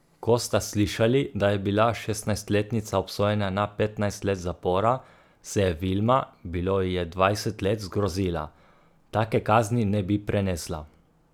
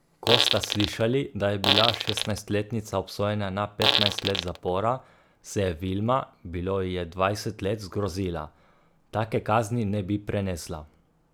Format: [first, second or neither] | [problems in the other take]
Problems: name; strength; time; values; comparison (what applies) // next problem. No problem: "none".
first | background sound (Fart); 1 dB above the speech